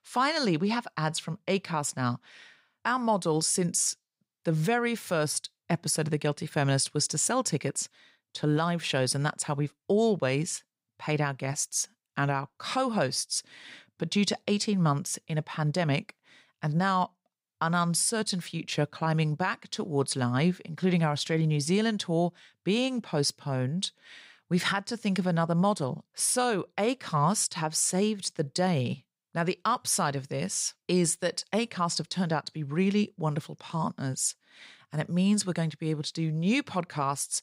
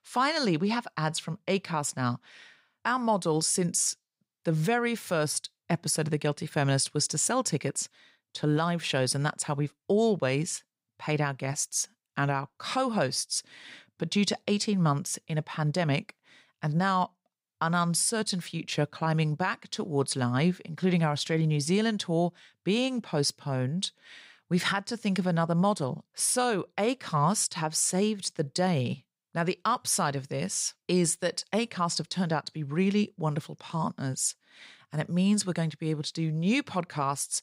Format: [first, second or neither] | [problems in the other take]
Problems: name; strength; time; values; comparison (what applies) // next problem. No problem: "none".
neither | none